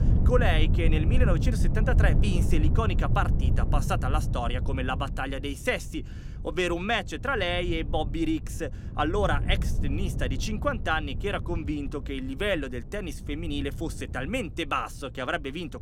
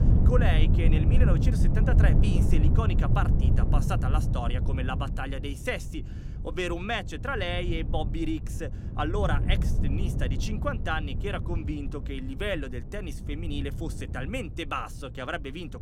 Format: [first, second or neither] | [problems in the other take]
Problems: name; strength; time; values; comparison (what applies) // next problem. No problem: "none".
first | wind noise on the microphone; heavy; 6 dB below the speech; occasional gusts in the first